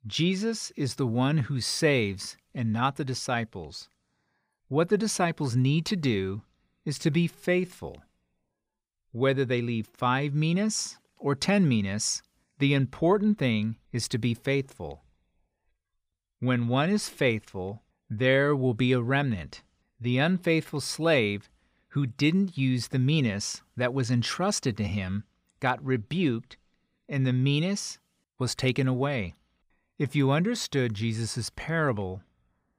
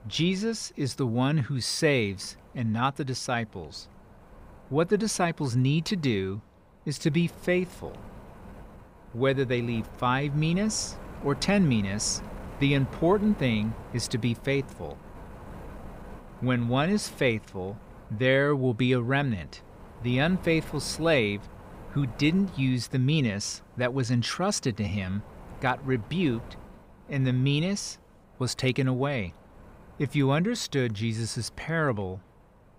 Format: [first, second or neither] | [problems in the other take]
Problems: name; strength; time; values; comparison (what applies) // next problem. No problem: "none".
first | wind noise on the microphone; occasional gusts; 20 dB below the speech